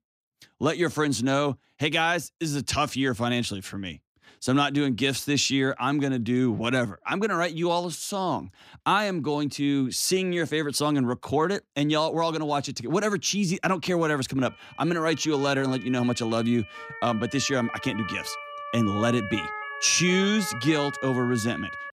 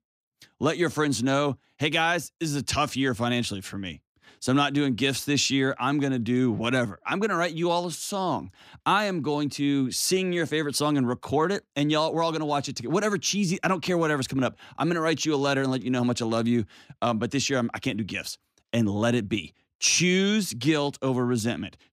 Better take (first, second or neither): second